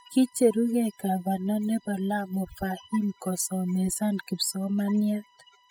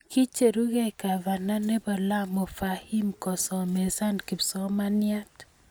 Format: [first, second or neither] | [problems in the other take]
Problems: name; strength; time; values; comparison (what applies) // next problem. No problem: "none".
second | noise reduction (classical method spectral subtraction)